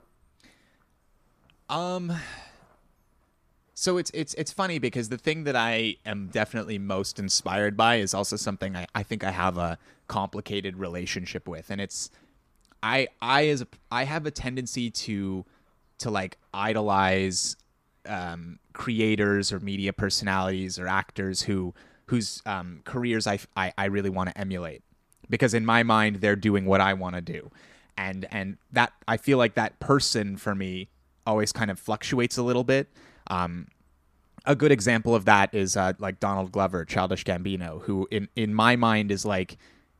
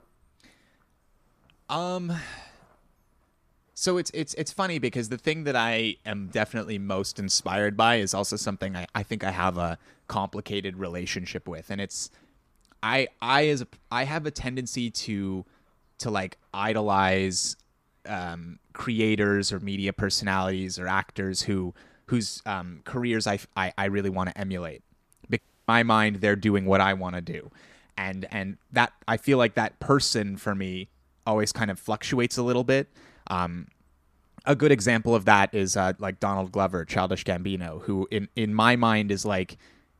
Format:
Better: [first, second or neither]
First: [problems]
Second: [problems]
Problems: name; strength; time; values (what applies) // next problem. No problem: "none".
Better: first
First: none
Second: audio cutting out; at 25 s